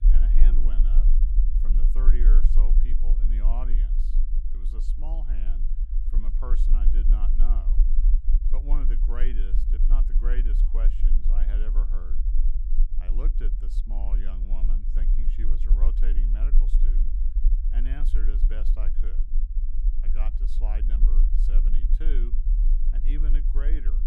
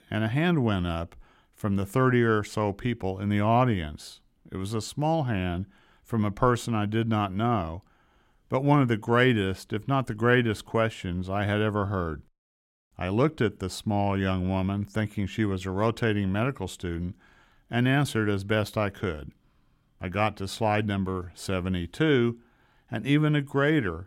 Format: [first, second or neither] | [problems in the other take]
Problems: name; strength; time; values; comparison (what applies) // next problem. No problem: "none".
second | low rumble; loud; throughout; 5 dB below the speech